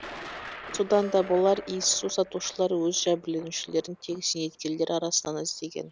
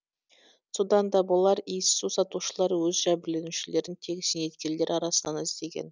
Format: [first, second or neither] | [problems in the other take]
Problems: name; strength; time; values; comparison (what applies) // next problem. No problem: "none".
second | background sound (Acoustic guitar + Thunder); 16 dB below the speech